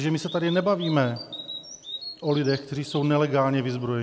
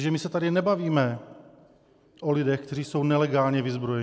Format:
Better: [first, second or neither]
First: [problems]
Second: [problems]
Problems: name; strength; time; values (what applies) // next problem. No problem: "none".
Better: second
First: background sound (Bird vocalization, bird call, bird song); 16 dB below the speech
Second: none